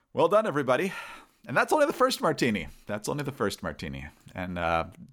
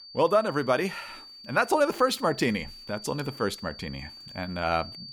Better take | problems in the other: first | high-pitched whine; noticeable; throughout; 4.5 kHz, 15 dB below the speech

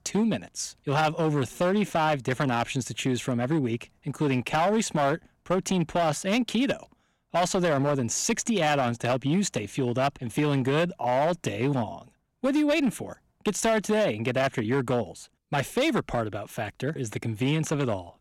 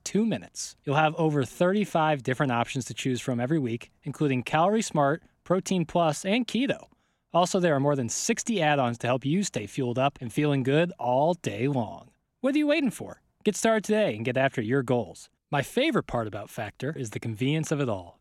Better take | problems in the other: second | distortion; slight; 8% of the sound clipped

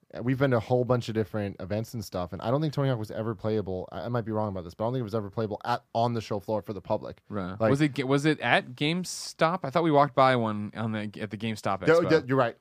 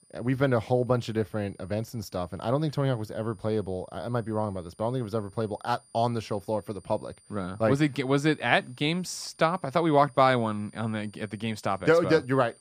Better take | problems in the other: first | high-pitched whine; faint; throughout; 9 kHz, 30 dB below the speech

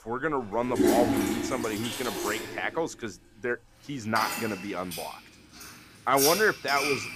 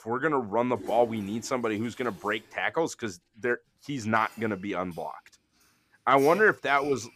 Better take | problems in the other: second | household noises; loud; throughout; as loud as the speech; faint in the second

